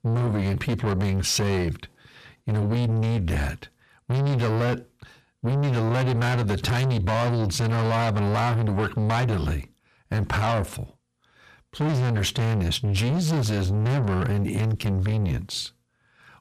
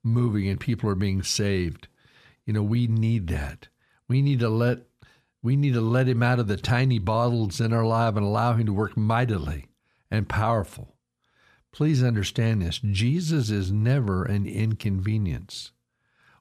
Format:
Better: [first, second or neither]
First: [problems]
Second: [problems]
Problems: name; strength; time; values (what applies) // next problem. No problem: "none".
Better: second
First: distortion; heavy; 7 dB below the speech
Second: none